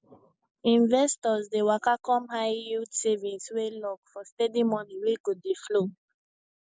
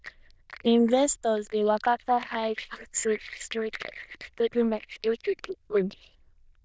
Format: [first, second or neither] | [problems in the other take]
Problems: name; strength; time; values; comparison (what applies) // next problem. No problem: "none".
first | noise reduction (neural diffusion model UNIVERSE++)